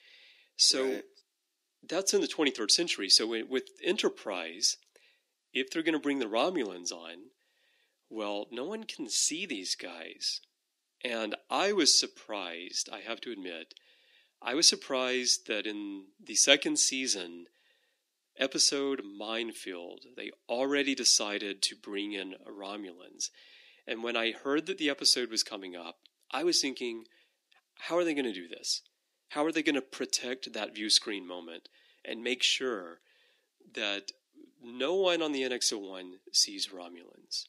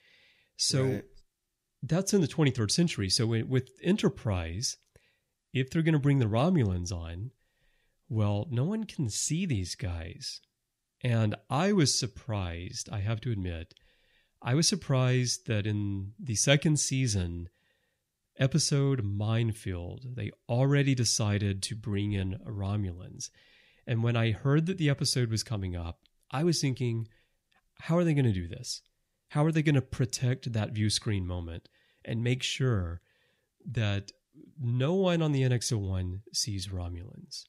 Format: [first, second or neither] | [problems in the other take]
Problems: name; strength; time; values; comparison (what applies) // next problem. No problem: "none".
second | thin; somewhat; fading below 250 Hz